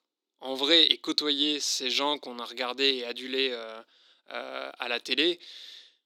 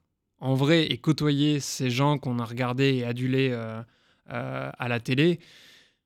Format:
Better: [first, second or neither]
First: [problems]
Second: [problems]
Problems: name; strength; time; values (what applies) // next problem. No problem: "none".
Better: second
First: thin; somewhat; fading below 300 Hz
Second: none